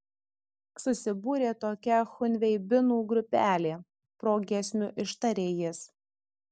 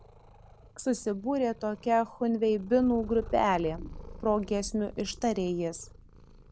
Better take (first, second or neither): first